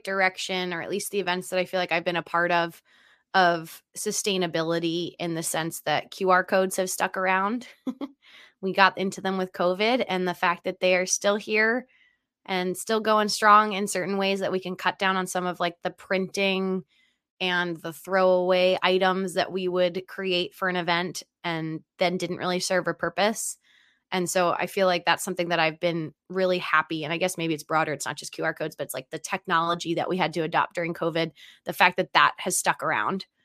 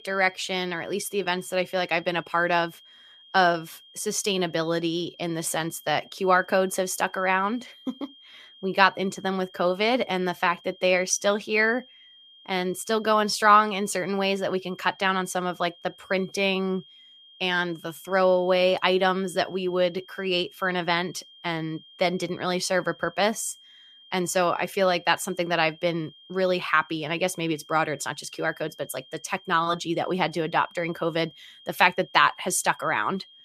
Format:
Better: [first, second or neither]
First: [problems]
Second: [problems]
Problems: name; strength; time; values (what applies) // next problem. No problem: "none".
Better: first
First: none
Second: high-pitched whine; faint; throughout; 3 kHz, 25 dB below the speech